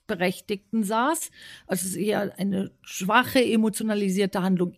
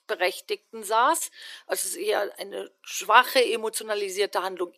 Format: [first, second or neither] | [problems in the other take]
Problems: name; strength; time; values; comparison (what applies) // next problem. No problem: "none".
first | thin; very; fading below 350 Hz